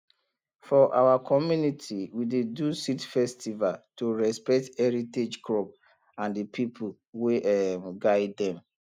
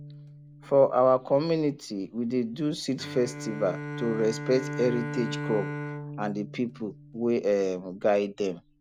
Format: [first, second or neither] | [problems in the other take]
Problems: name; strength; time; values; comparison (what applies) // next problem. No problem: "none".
first | background sound (Bowed string instrument); 11 dB below the speech